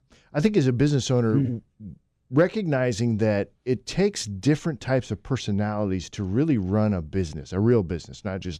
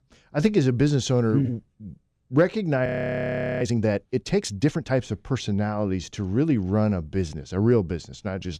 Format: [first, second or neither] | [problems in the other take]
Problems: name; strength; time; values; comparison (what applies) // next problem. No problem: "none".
first | audio freezing; at 3 s for 1 s